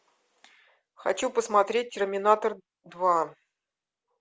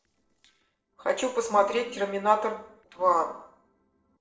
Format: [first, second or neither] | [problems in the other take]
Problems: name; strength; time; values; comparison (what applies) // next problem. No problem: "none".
first | noise reduction (neural separator model SepFormer DNS4)